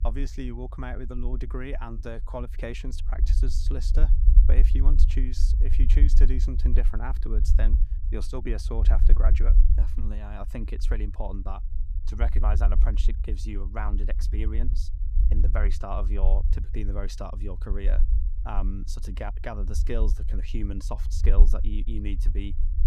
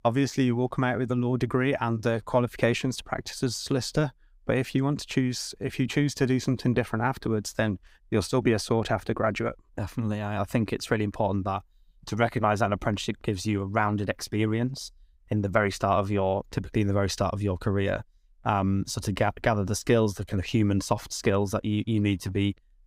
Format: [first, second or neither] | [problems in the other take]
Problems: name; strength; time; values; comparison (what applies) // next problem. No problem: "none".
second | low rumble; loud; throughout; 9 dB below the speech